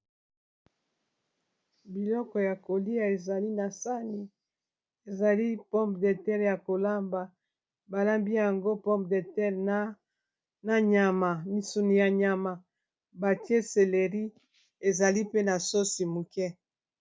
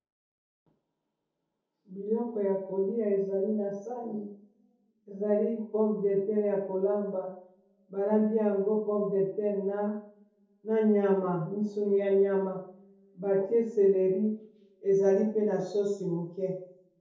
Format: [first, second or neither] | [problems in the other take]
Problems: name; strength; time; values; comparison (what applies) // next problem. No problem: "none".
first | room echo; dies away in 0.6 s